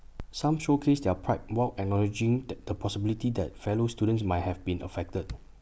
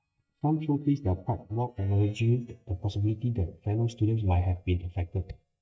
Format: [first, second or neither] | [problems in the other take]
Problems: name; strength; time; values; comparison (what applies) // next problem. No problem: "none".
first | noise reduction (neural mask model DeepFilterNet 3)